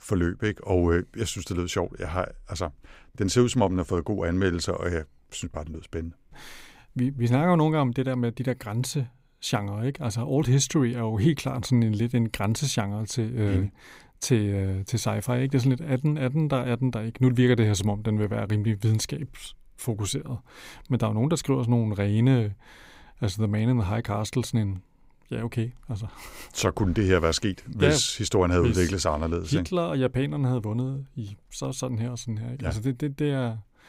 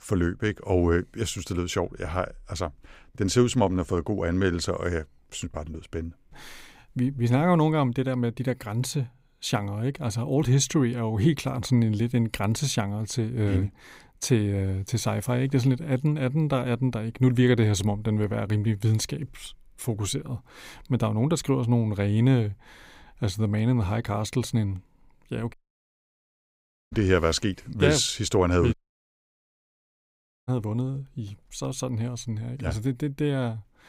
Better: first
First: none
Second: audio cutting out; at 26 s for 1.5 s and at 29 s for 1.5 s

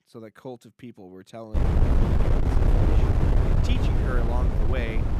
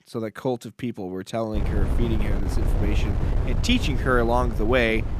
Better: second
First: wind noise on the microphone; heavy; from 1.5 s on; 5 dB above the speech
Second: wind noise on the microphone; occasional gusts; from 1.5 s on; 10 dB below the speech

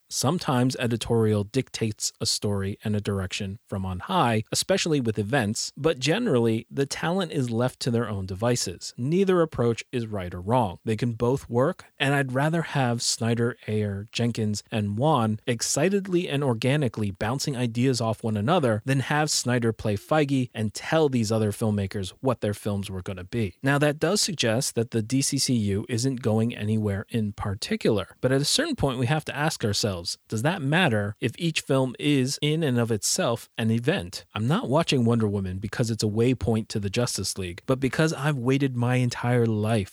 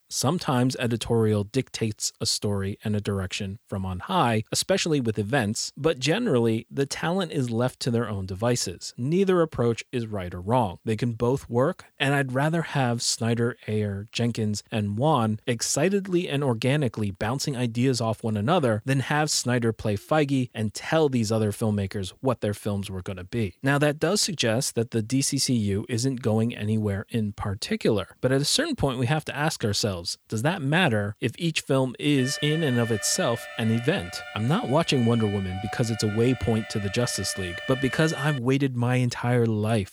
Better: first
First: none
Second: alarm; noticeable; from 32 to 38 s; peak 8 dB below the speech

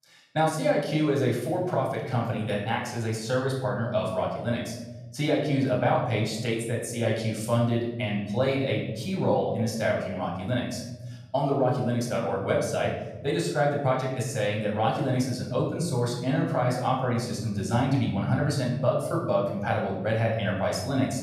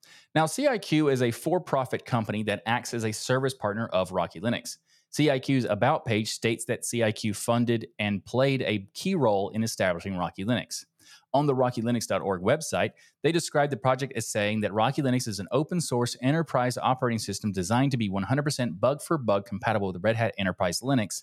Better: second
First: off-mic speech; far // room echo; noticeable; dies away in 1.4 s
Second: none

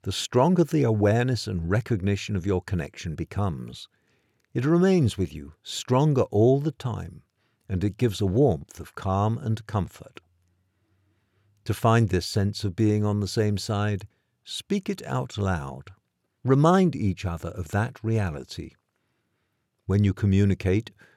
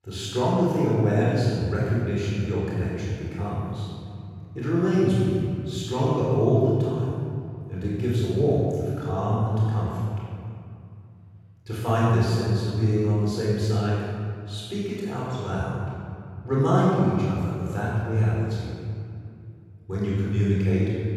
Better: first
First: none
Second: off-mic speech; far // room echo; strong; dies away in 2.3 s

